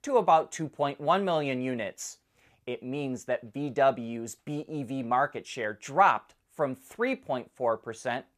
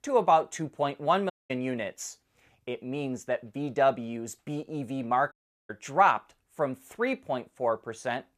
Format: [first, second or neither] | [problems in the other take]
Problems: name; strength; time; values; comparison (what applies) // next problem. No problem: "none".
first | audio cutting out; at 1.5 s and at 5.5 s